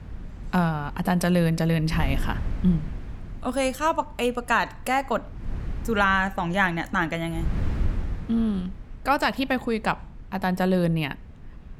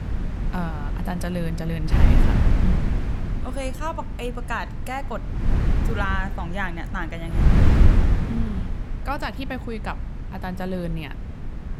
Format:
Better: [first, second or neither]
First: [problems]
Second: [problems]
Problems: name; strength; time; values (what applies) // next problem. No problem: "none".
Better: first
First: wind noise on the microphone; occasional gusts; 20 dB below the speech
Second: wind noise on the microphone; heavy; 4 dB below the speech